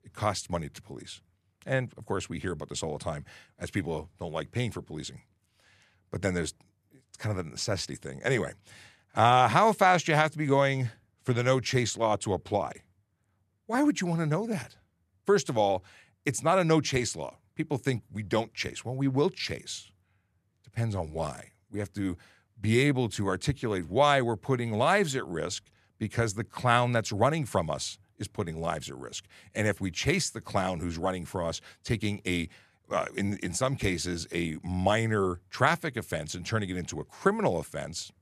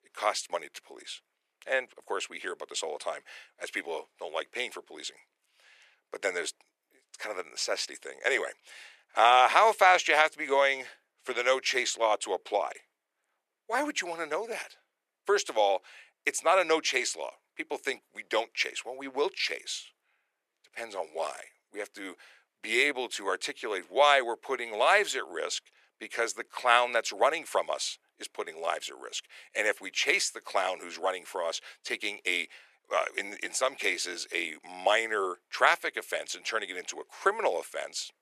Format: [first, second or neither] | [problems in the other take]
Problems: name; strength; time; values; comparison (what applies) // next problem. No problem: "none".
first | thin; very; fading below 400 Hz